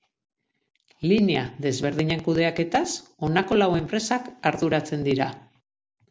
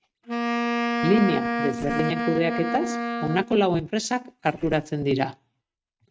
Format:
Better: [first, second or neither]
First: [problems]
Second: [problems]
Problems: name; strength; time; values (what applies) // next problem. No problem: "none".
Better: first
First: none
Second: noise reduction (neural mask model RNNoise)